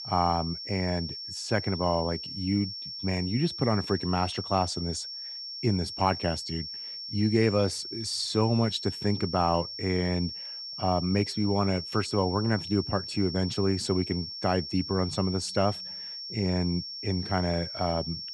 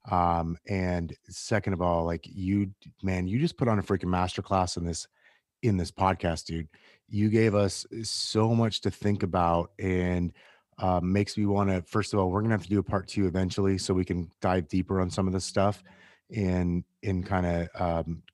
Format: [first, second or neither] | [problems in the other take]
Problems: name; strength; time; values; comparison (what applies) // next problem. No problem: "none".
second | high-pitched whine; loud; throughout; 5.5 kHz, 7 dB below the speech